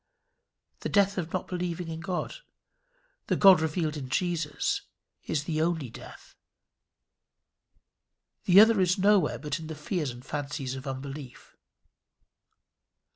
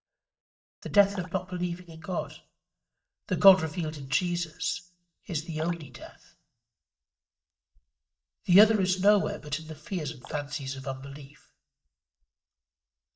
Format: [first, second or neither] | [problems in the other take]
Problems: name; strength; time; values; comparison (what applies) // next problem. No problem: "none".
first | noise reduction (neural mask model DeepFilterNet 3)